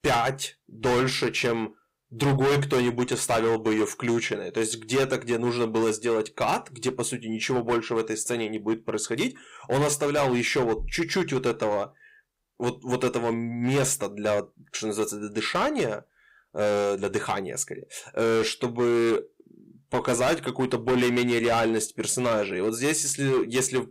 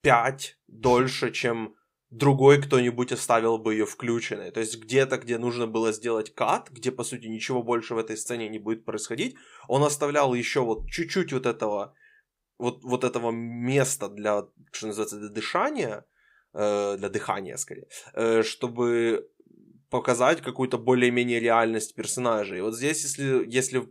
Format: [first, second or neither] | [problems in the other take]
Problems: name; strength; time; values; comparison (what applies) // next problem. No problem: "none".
second | distortion; heavy; 12% of the sound clipped